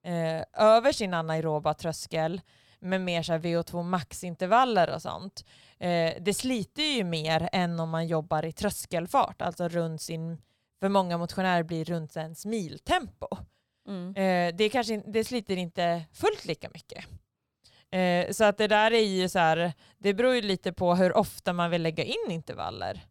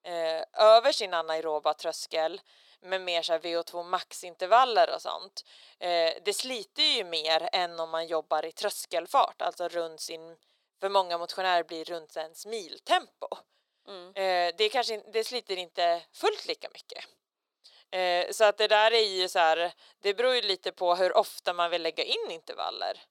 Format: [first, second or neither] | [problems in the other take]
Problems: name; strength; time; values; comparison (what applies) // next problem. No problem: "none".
first | thin; very; fading below 350 Hz